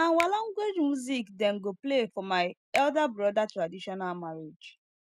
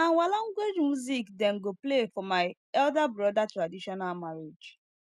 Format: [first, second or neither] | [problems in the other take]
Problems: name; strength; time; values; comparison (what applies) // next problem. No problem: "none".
second | background sound (Finger snapping); 15 dB below the speech